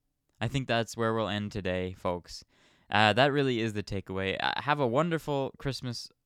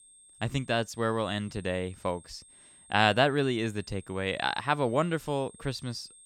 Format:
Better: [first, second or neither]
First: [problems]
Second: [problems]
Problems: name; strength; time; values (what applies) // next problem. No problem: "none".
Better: first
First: none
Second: high-pitched whine; faint; throughout; 8.5 kHz, 25 dB below the speech